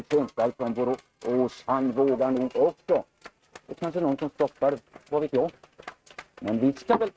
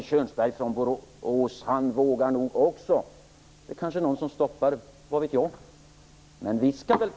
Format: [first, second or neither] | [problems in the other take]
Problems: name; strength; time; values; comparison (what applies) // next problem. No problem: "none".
second | noise reduction (neural mask model RNNoise)